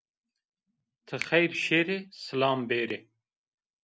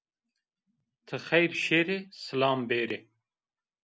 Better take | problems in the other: second | noise reduction (neural separator model SepFormer DNS4)

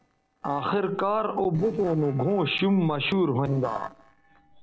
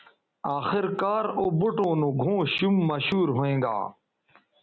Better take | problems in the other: second | noise reduction (neural separator model SepFormer DNS4)

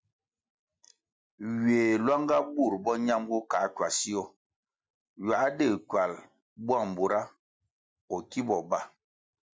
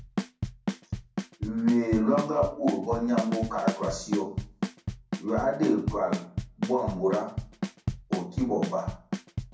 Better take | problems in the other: first | background sound (Bass drum / Snare drum / Drum kit); 4 dB below the speech // room echo; dies away in 0.6 s

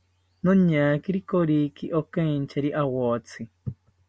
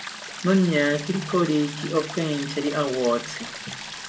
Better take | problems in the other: first | background sound (Stream); 12 dB below the speech // room echo; dies away in 0.2 s

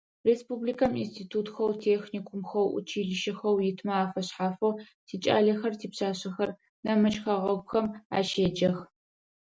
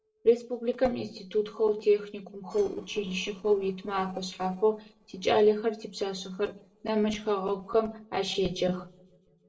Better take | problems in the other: first | noise reduction (neural separator model SepFormer DNS4)

